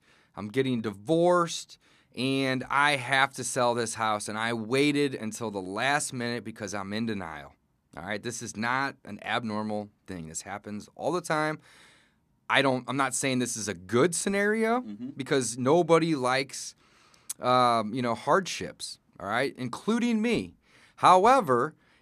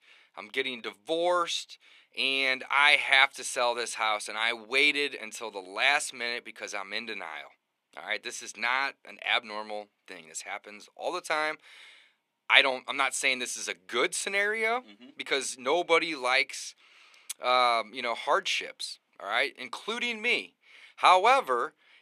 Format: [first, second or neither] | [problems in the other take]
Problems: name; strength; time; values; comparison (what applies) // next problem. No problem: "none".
first | thin; somewhat; fading below 550 Hz